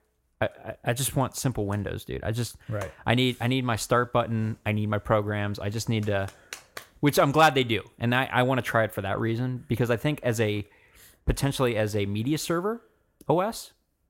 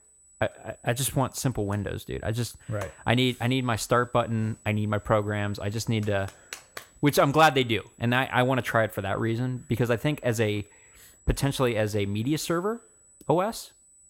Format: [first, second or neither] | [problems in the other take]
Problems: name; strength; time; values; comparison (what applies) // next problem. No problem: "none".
first | high-pitched whine; faint; throughout; 8 kHz, 30 dB below the speech